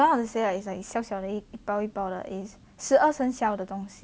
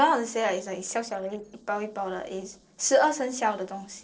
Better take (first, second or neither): first